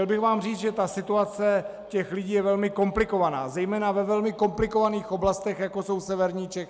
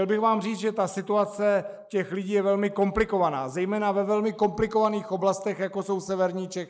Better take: first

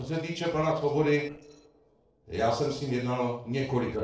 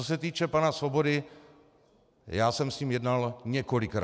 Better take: second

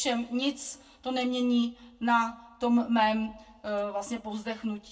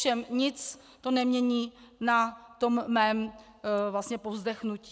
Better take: second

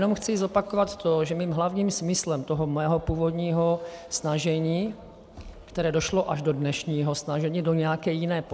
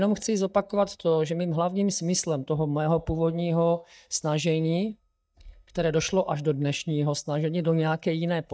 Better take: first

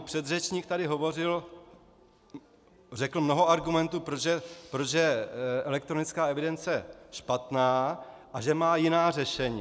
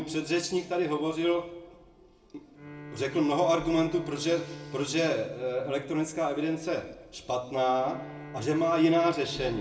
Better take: first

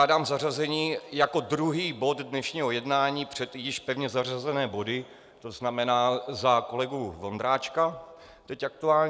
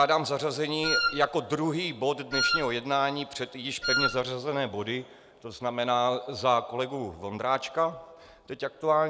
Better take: first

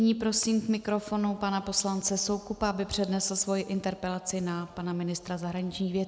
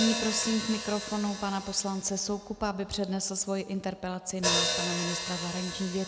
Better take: first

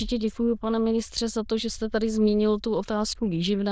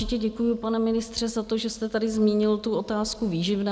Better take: second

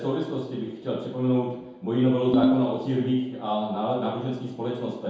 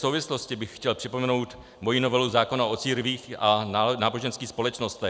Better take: second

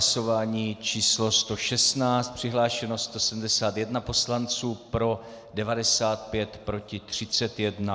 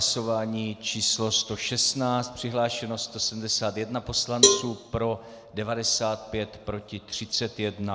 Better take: first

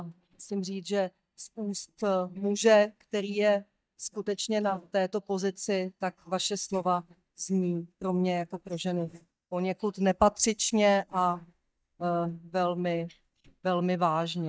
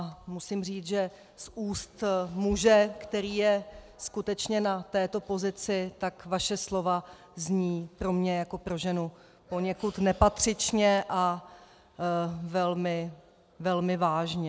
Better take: second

